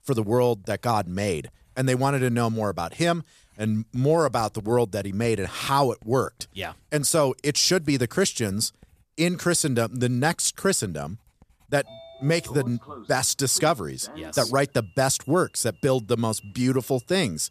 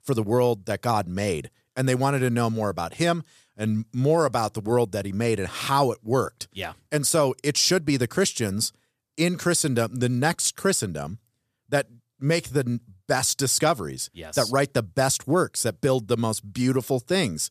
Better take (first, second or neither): second